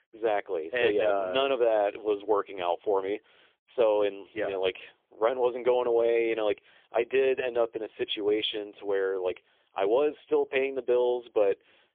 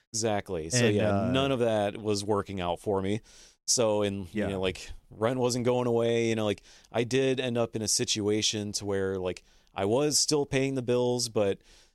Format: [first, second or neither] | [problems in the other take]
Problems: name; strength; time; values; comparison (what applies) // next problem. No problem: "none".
second | phone-call audio; poor line; nothing above 3.5 kHz